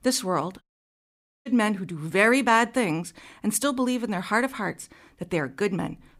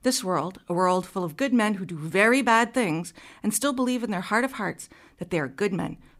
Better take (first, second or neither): second